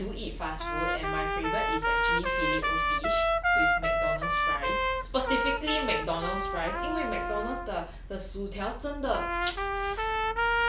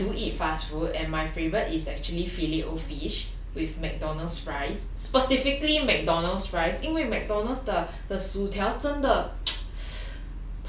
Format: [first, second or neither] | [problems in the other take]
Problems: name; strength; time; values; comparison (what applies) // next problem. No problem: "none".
second | background sound (Trumpet); 4 dB above the speech